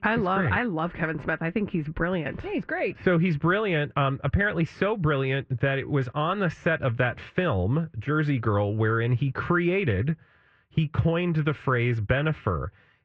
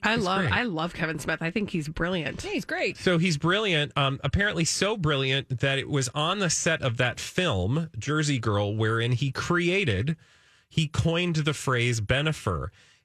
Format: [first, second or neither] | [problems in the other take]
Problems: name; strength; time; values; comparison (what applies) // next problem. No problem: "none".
second | muffled; very; fading above 2 kHz